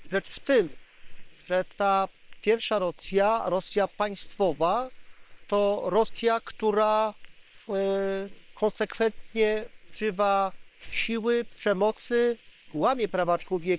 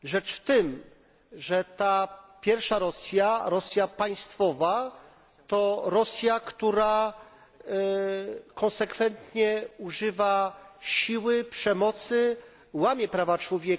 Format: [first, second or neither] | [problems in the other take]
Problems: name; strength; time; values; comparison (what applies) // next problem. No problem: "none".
second | noise reduction (neural separator model SepFormer WHAM!)